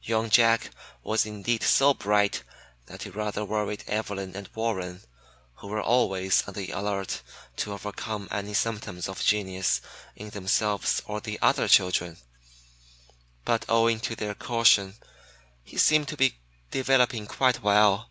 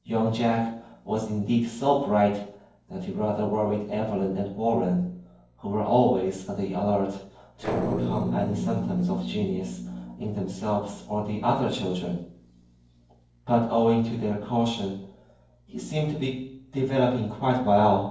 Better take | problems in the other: first | noise reduction (neural separator model SepFormer DNS4)

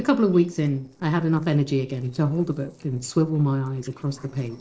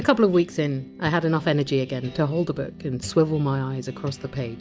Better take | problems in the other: second | noise reduction (neural separator model SepFormer DNS4)

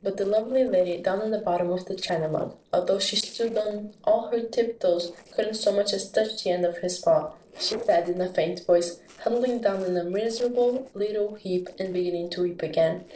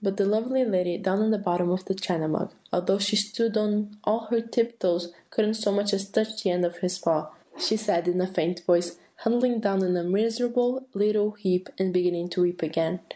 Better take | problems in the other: second | noise reduction (neural separator model SepFormer DNS4)

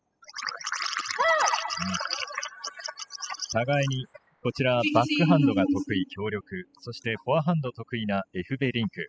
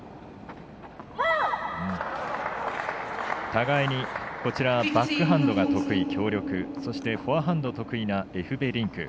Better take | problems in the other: second | noise reduction (classical method spectral subtraction)

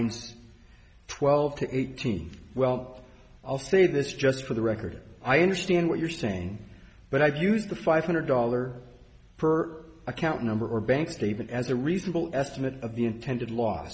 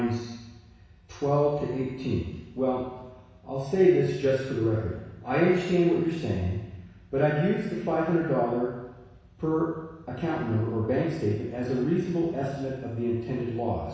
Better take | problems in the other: first | room echo; dies away in 1.1 s

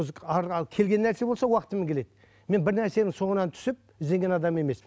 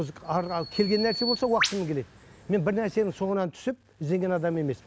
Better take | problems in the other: first | background sound (Bird vocalization, bird call, bird song); 9 dB below the speech

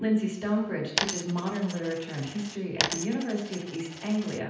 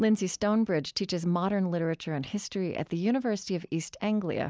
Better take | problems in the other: second | background sound (Coin (dropping)); 5 dB below the speech // room echo; dies away in 0.9 s

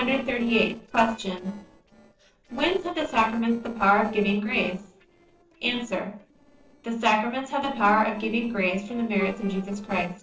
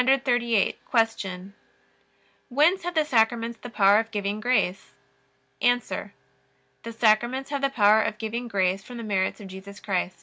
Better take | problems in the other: second | noise reduction (neural separator model SepFormer DNS4)

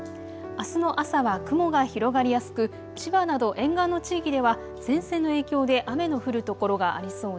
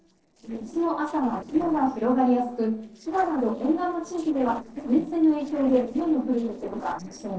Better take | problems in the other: first | noise reduction (neural separator model SepFormer DNS4)

